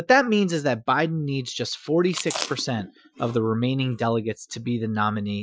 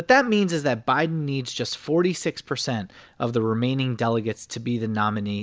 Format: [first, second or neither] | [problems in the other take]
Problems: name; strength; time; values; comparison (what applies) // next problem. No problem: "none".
second | noise reduction (classical method Wiener filter)